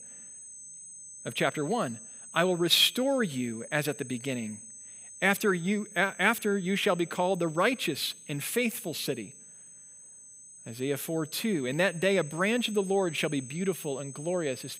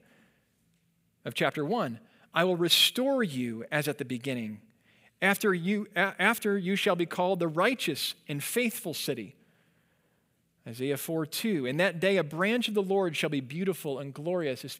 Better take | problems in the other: second | high-pitched whine; noticeable; throughout; 8 kHz, 15 dB below the speech

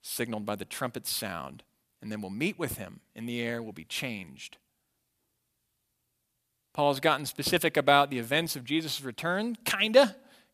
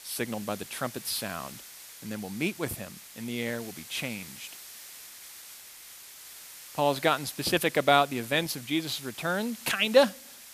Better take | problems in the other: first | hiss; noticeable; throughout; 15 dB below the speech

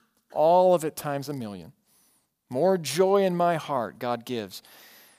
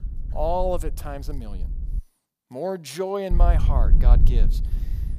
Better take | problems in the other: first | low rumble; noticeable; until 2 s and from 3.5 s on; 15 dB below the speech

